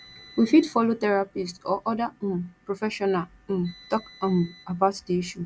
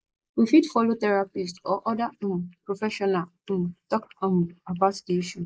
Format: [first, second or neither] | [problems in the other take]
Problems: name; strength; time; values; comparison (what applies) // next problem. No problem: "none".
first | noise reduction (neural mask model Resemble Enhance denoiser)